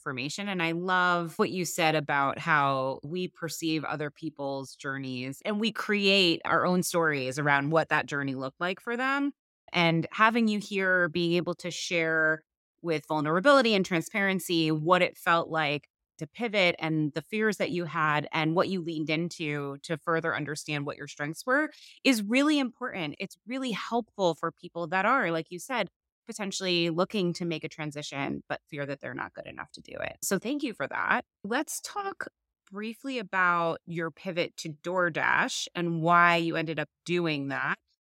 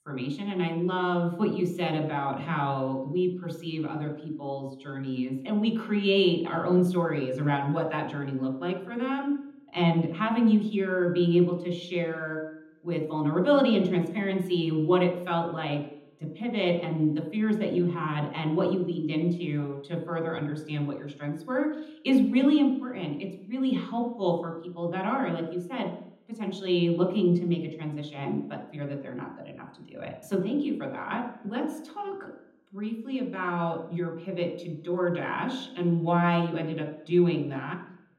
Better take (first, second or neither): first